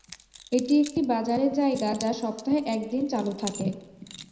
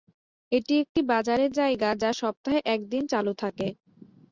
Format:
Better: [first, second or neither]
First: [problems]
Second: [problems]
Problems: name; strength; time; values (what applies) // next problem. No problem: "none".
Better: second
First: background sound (Keys jangling); 19 dB below the speech // room echo; dies away in 0.7 s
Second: none